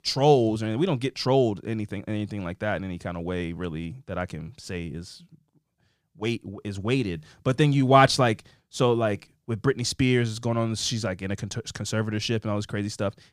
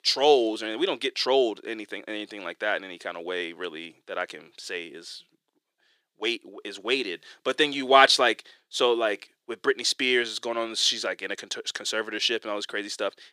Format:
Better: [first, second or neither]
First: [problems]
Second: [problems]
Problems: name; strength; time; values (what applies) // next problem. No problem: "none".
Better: first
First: none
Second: thin; very; fading below 350 Hz